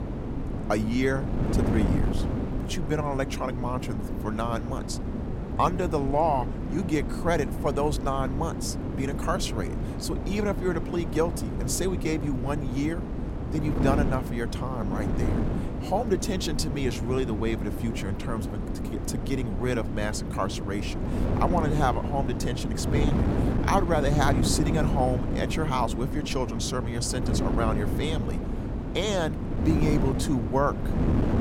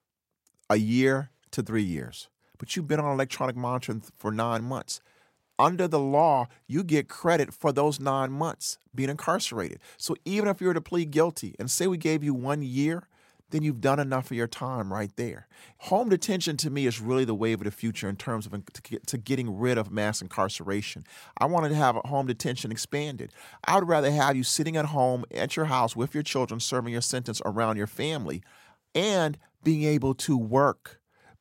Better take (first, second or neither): second